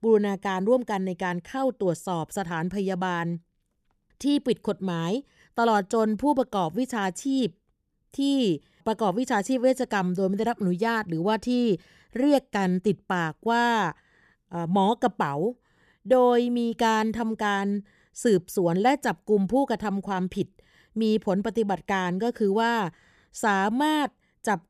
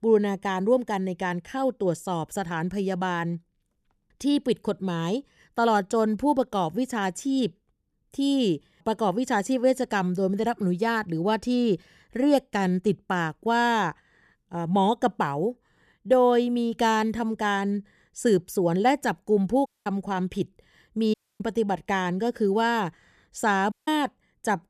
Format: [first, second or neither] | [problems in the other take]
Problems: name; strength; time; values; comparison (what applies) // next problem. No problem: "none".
first | audio cutting out; at 20 s, at 21 s and at 24 s